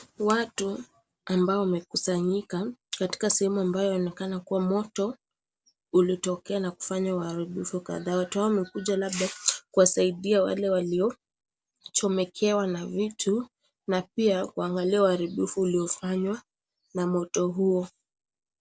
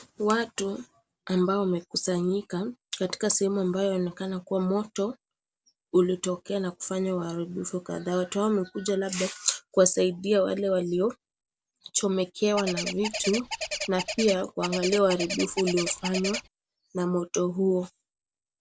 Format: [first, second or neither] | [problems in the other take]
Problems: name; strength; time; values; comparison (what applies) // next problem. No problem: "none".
first | background sound (Bird); 6 dB below the speech